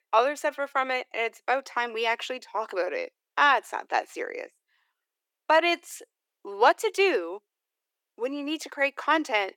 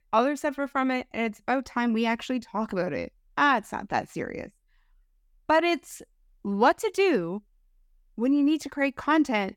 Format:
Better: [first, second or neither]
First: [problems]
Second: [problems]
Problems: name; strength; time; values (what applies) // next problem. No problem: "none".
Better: second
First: thin; very; fading below 350 Hz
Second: none